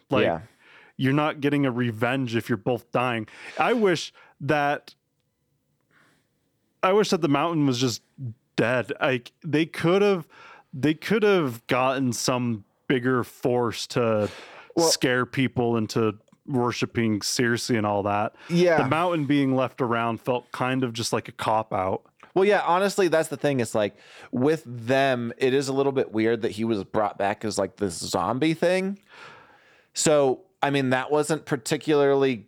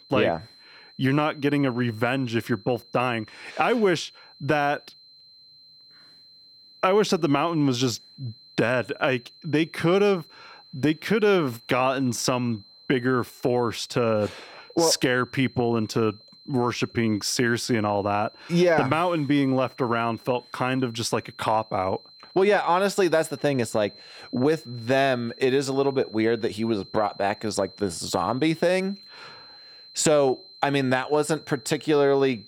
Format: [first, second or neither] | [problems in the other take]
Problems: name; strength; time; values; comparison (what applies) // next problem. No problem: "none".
first | high-pitched whine; faint; throughout; 4 kHz, 25 dB below the speech